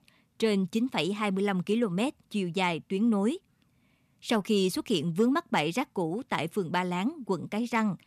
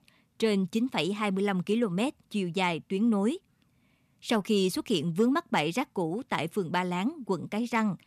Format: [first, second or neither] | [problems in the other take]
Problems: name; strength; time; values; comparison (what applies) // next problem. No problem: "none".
neither | none